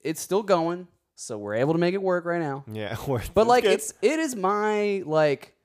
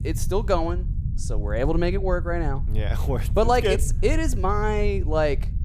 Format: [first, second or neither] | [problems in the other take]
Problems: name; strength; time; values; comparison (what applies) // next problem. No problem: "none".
first | low rumble; noticeable; throughout; 20 dB below the speech